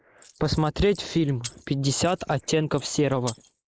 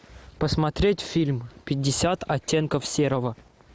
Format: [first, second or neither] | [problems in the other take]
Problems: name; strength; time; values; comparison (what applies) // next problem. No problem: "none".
second | noise reduction (neural mask model Resemble Enhance denoiser)